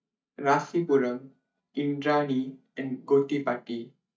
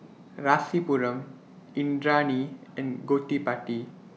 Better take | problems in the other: second | noise reduction (neural mask model DeepFilterNet 3)

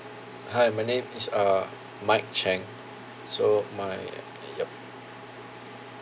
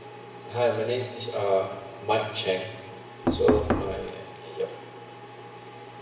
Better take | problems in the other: first | background sound (Knock); 3 dB above the speech // room echo; dies away in 1.1 s

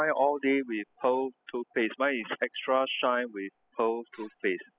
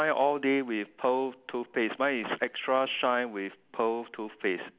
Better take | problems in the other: second | noise reduction (classical method spectral subtraction)

